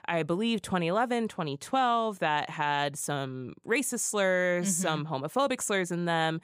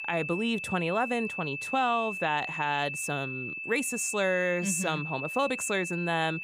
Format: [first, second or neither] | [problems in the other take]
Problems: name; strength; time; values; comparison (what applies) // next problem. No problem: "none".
first | high-pitched whine; loud; throughout; 2.5 kHz, 5 dB below the speech